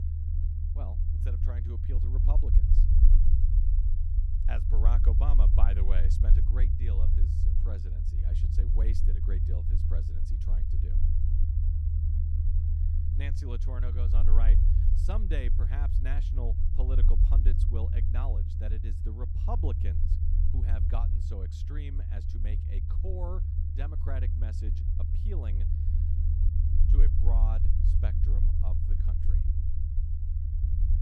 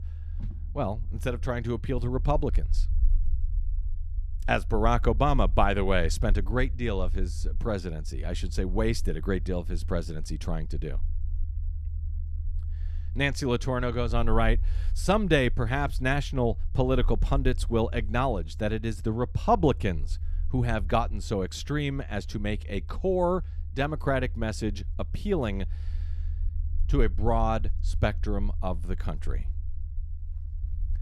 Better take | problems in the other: second | low rumble; loud; throughout; 2 dB below the speech; faint in the second

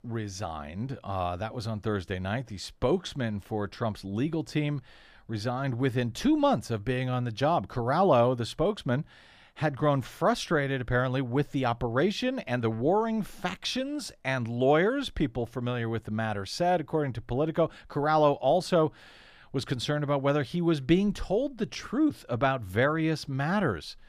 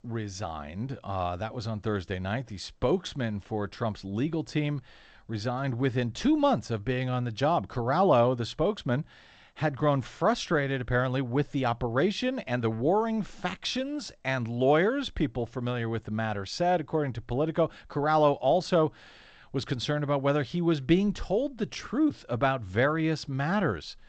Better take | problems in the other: first | garbled, watery; slightly; nothing above 8 kHz

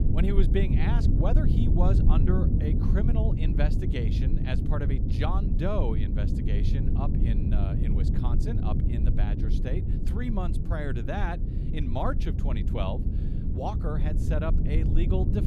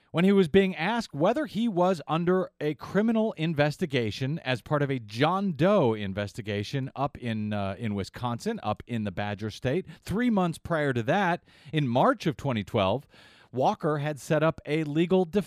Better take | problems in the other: second | low rumble; loud; throughout; 3 dB below the speech

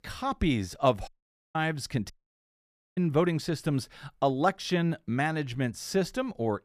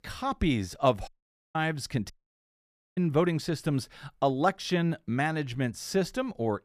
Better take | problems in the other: neither | audio cutting out; at 1 s and at 2 s for 1 s; the same in both

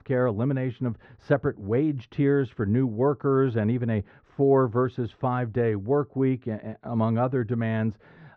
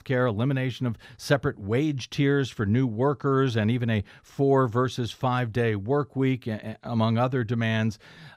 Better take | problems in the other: second | muffled; very; fading above 1.5 kHz

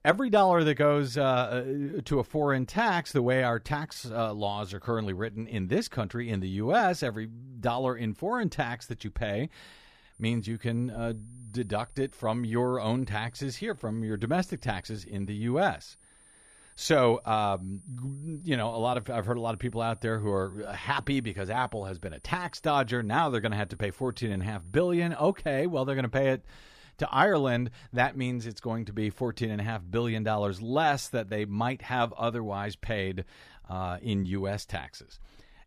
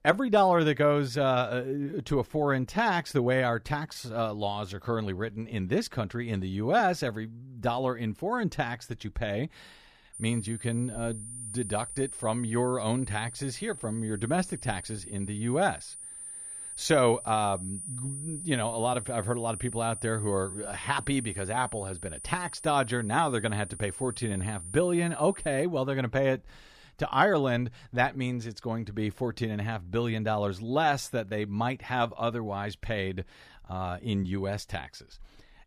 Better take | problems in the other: first | high-pitched whine; loud; from 10 to 26 s; 9.5 kHz, 10 dB below the speech; faint in the first

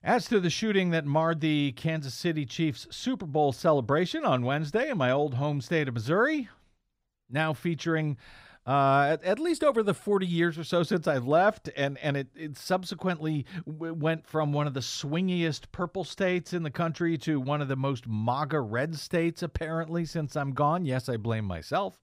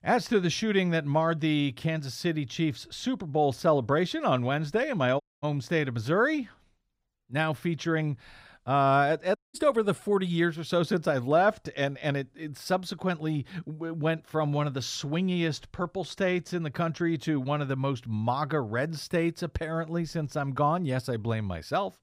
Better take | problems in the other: first | audio cutting out; at 5 s and at 9.5 s

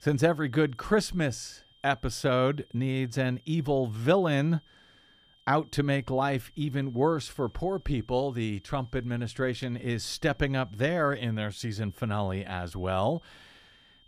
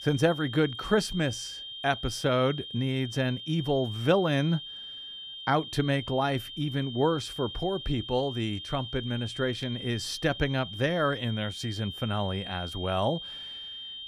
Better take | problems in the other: first | high-pitched whine; loud; throughout; 3 kHz, 9 dB below the speech; faint in the first

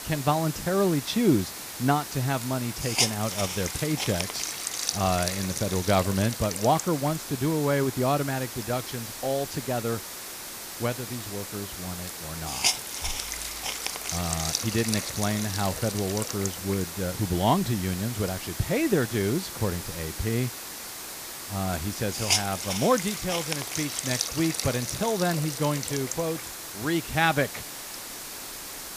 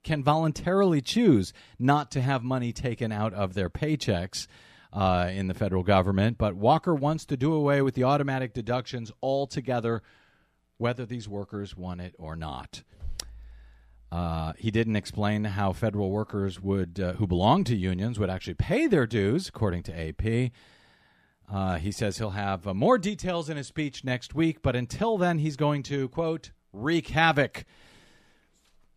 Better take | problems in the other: second | hiss; loud; throughout; 3 dB below the speech

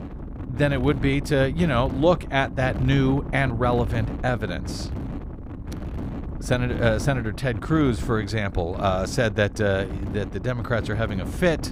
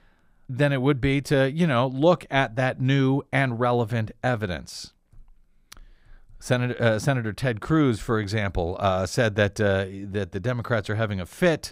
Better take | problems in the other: second | wind noise on the microphone; occasional gusts; 15 dB below the speech

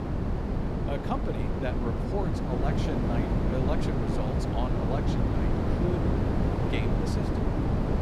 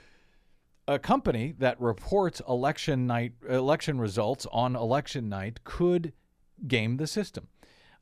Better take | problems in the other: second | wind noise on the microphone; heavy; 3 dB above the speech

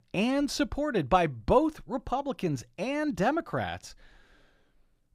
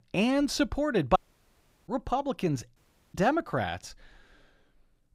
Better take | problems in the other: first | audio cutting out; at 1 s for 0.5 s and at 3 s

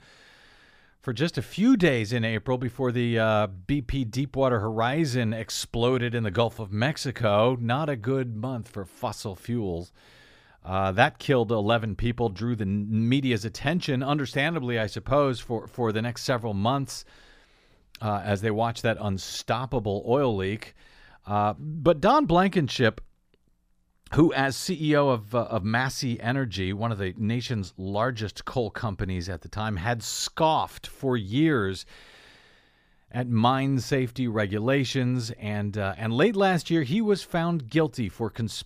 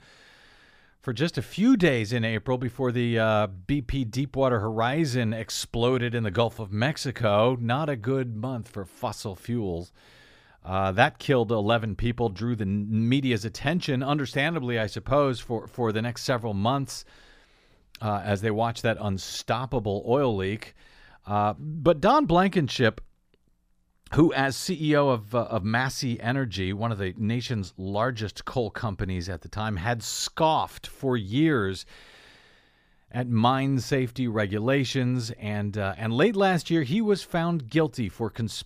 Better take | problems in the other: neither | none

